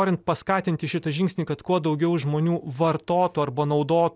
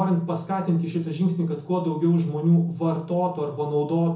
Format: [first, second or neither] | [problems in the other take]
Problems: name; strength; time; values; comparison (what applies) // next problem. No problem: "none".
first | room echo; dies away in 0.6 s